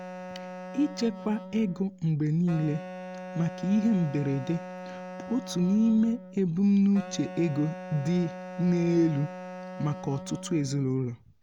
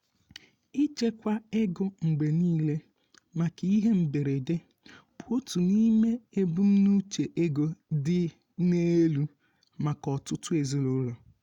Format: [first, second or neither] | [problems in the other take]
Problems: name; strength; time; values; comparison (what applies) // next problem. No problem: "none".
second | background sound (Wind instrument, woodwind instrument); 13 dB below the speech